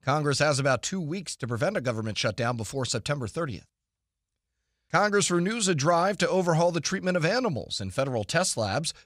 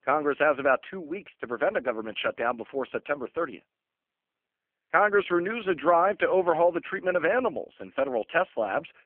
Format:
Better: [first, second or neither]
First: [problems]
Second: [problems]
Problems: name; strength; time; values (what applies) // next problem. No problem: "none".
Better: first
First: none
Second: phone-call audio; poor line; nothing above 3 kHz